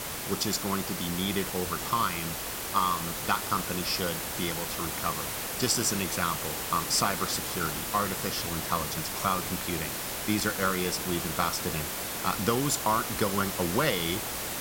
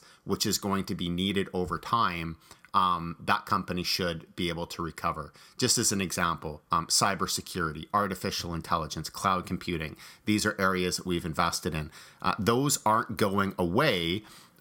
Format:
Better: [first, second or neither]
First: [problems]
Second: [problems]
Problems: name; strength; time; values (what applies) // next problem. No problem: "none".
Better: second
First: hiss; loud; throughout; 2 dB below the speech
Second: none